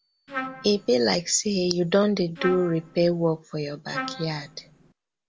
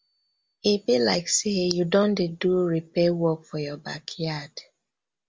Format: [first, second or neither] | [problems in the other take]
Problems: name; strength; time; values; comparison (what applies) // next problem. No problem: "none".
second | background sound (Trumpet); 12 dB below the speech